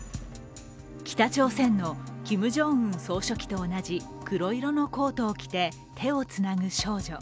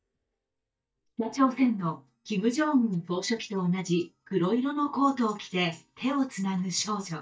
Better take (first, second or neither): first